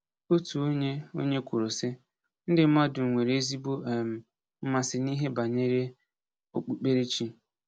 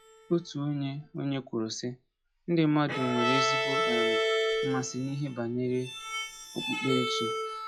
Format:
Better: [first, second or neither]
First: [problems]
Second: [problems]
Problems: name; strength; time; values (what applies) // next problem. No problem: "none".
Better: first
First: none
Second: noise reduction (classical method log-MMSE)